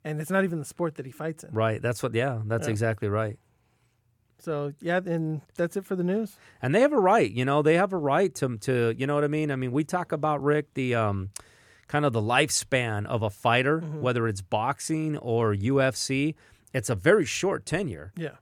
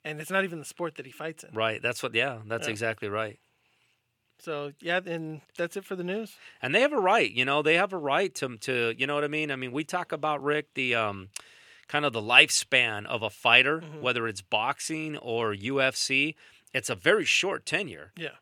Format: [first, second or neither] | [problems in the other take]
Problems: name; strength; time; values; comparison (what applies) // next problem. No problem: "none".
first | thin; very slightly; fading below 700 Hz